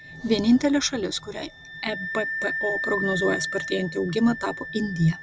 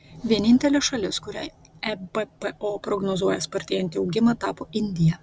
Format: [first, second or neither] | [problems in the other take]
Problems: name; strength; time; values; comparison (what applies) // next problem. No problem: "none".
second | background sound (Wind instrument, woodwind instrument); 8 dB below the speech